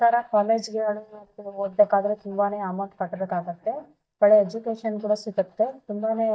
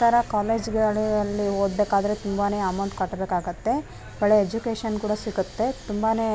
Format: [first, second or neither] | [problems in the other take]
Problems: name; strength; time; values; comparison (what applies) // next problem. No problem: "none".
second | noise reduction (neural mask model DeepFilterNet 3)